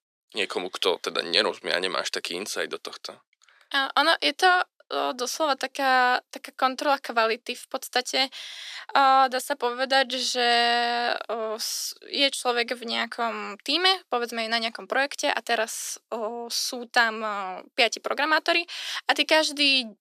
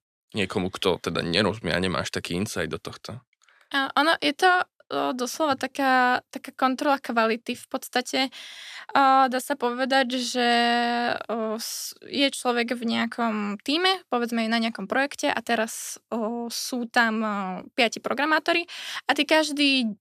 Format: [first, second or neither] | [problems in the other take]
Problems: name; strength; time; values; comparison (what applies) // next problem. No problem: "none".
second | thin; somewhat; fading below 350 Hz